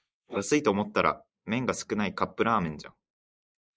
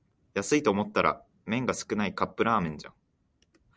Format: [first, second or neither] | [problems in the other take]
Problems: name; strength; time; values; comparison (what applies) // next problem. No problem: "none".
second | noise reduction (neural mask model Resemble Enhance denoiser)